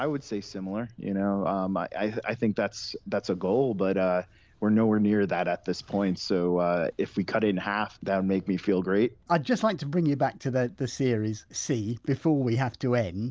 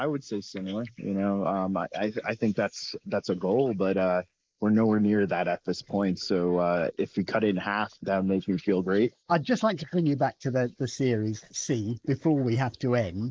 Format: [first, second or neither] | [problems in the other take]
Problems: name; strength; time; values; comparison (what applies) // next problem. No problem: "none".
first | noise reduction (neural mask model Resemble Enhance denoiser)